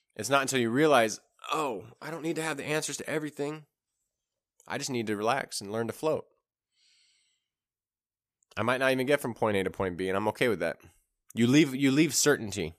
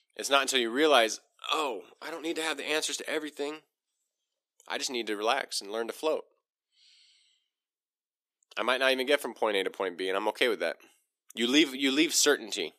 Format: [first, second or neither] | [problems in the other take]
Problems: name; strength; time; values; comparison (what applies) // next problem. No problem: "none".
first | thin; very slightly; fading below 300 Hz